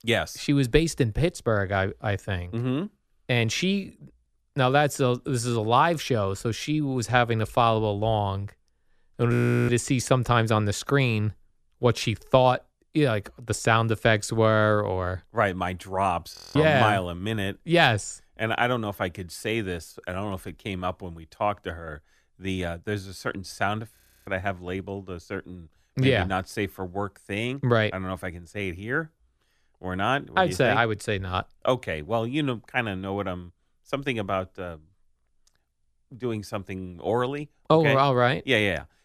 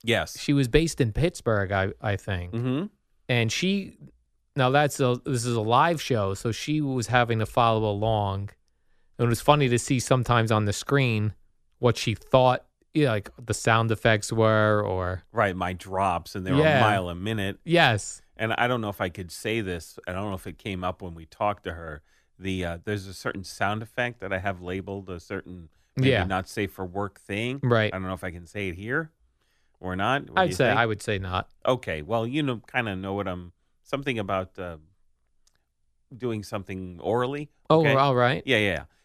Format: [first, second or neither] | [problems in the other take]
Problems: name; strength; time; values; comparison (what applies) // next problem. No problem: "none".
second | audio freezing; at 9.5 s, at 16 s and at 24 s